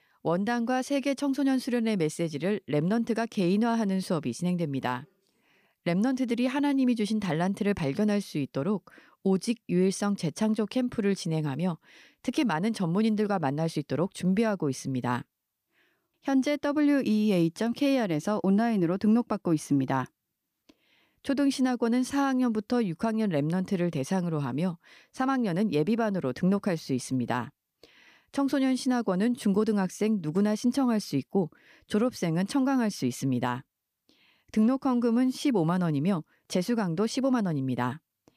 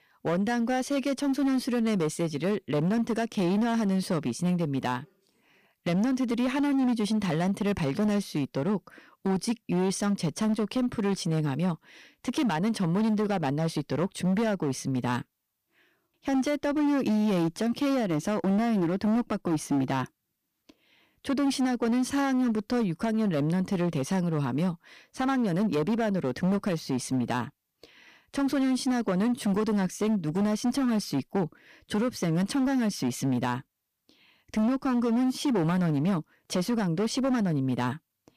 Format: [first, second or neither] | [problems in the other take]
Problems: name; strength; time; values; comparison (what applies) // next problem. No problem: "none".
first | distortion; slight; 16% of the sound clipped